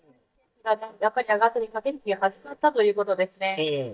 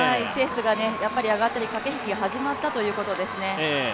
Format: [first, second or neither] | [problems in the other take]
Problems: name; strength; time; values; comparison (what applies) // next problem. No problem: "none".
second | noise reduction (neural mask model DeepFilterNet 3)